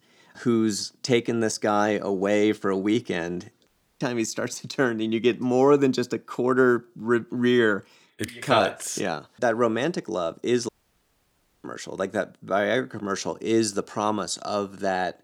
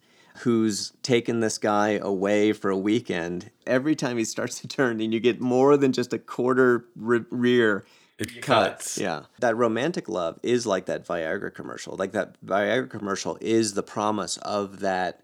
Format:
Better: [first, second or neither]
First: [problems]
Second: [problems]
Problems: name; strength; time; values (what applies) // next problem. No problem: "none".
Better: second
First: audio cutting out; at 3.5 s and at 11 s for 1 s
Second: none